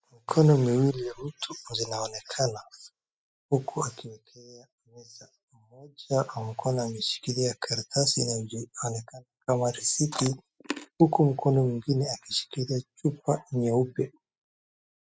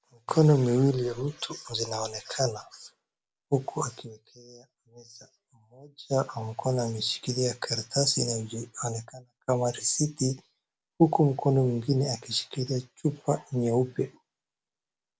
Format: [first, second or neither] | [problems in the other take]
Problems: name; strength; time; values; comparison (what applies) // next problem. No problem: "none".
second | noise reduction (classical method spectral subtraction)